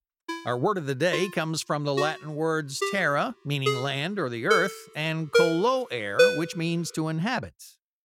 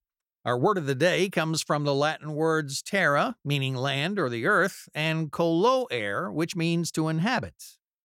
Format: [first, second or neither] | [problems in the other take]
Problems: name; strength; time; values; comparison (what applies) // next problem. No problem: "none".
second | phone ringing; loud; until 6.5 s; peak 6 dB above the speech